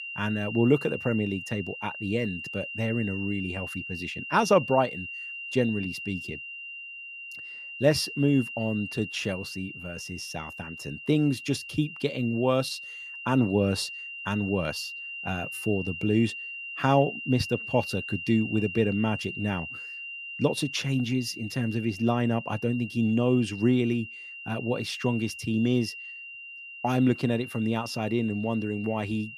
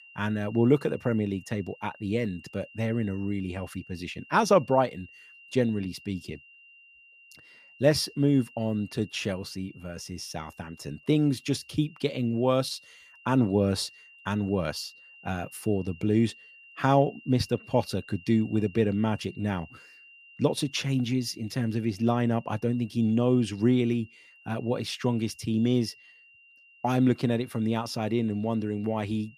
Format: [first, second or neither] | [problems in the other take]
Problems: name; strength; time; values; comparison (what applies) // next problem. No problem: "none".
second | high-pitched whine; loud; throughout; 3 kHz, 9 dB below the speech; faint in the second